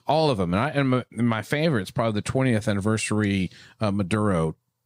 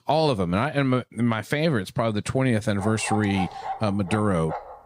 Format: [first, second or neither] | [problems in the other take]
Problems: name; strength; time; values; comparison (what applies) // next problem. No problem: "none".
first | dog barking; noticeable; from 3 s on; peak 7 dB below the speech